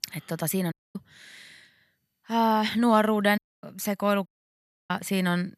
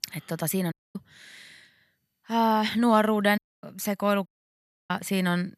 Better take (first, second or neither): neither